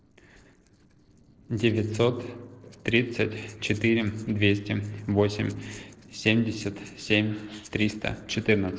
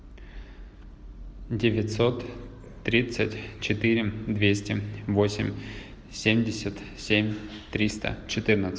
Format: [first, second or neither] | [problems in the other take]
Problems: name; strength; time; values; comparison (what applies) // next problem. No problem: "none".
second | noise reduction (neural separator model SepFormer DNS4)